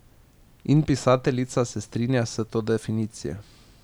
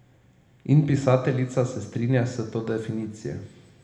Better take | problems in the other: first | room echo; dies away in 0.9 s

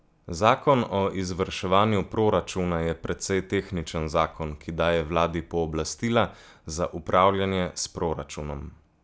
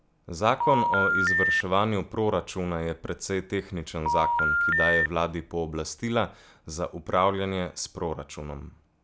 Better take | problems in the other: first | background sound (Telephone); 3 dB above the speech

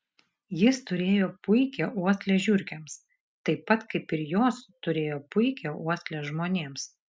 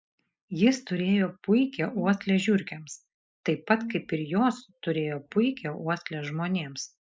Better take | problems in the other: first | noise reduction (neural mask model Resemble Enhance denoiser)

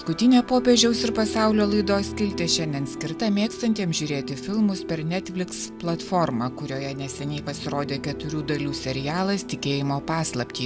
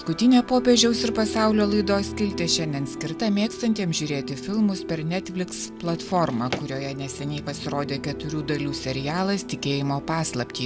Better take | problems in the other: first | background sound (Drawer open or close); 13 dB below the speech

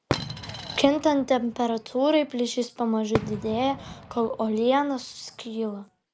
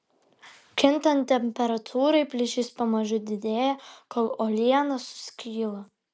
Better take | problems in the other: second | background sound (Coin (dropping) + Fireworks); 11 dB below the speech

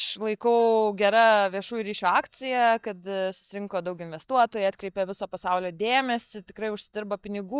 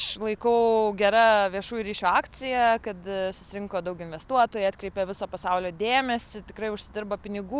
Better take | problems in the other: second | noise reduction (neural mask model DeepFilterNet 3)

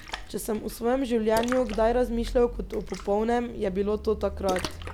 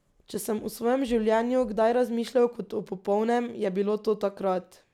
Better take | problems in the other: second | background sound (Splash, splatter); 10 dB below the speech

